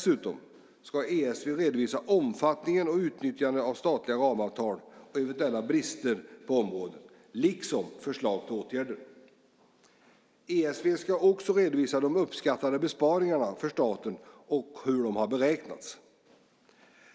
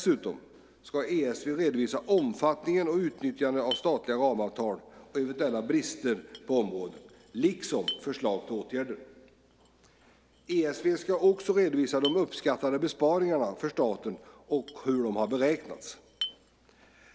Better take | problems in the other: first | background sound (Chink, clink); 18 dB below the speech

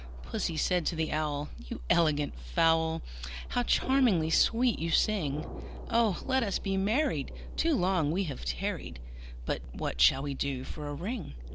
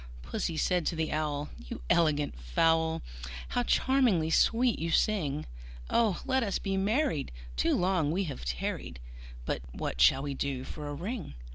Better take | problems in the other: second | background sound (Thunder); 20 dB below the speech

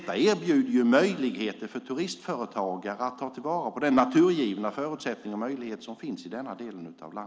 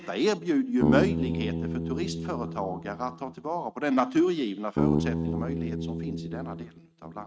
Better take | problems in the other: first | noise reduction (neural mask model RNNoise)

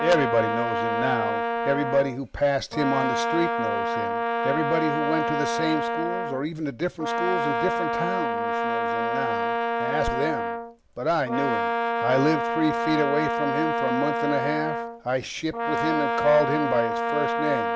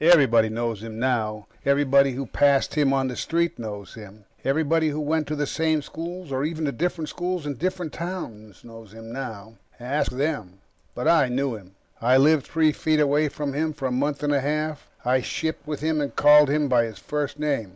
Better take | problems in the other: second | background sound (Brass instrument); 1 dB above the speech

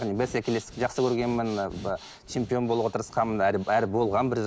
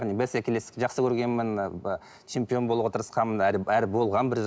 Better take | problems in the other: second | background sound (Breathing); 19 dB below the speech

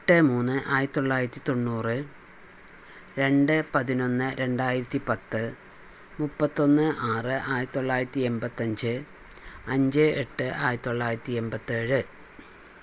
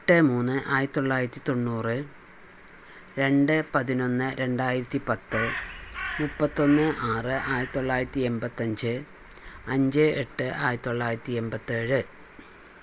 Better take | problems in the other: first | background sound (Crow); 9 dB below the speech

